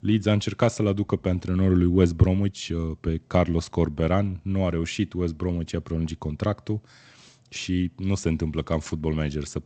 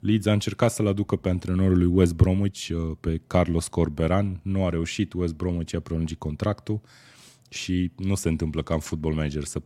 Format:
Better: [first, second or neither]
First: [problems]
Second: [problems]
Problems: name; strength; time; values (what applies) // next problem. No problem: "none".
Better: second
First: garbled, watery; slightly; nothing above 8 kHz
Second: none